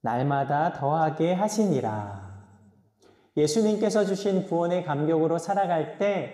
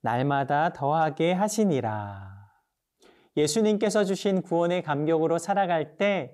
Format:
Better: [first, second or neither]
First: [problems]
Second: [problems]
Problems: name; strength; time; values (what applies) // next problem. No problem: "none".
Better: second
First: room echo; slight; dies away in 1.3 s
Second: none